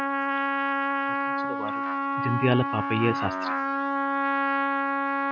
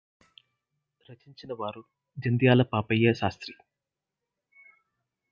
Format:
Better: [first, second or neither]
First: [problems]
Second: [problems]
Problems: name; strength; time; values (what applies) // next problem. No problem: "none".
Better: second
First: background sound (Trumpet); 5 dB above the speech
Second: none